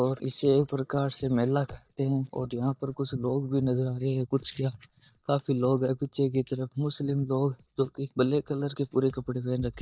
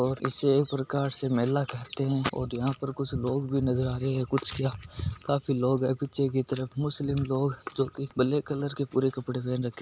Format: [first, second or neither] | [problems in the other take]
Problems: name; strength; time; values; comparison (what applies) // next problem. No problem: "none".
second | noise reduction (neural mask model DeepFilterNet 3)